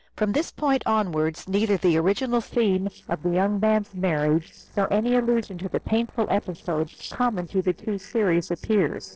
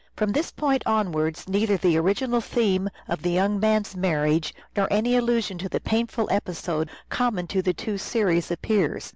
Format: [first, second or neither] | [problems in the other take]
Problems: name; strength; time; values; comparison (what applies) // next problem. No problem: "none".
second | noise reduction (neural separator model SepFormer DNS4)